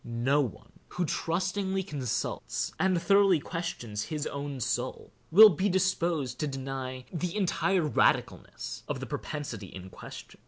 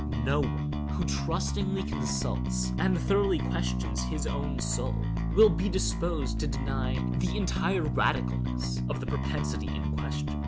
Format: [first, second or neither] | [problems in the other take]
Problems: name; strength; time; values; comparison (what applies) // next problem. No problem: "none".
first | background sound (Bass guitar); 2 dB above the speech